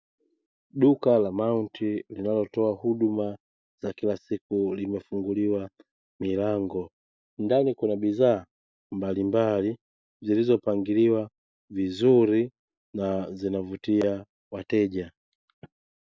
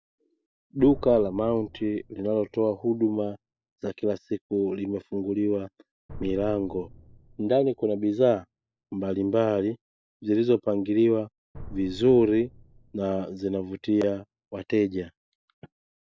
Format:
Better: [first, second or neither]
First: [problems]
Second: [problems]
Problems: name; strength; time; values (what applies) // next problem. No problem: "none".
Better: first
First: none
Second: background sound (Drum); 19 dB below the speech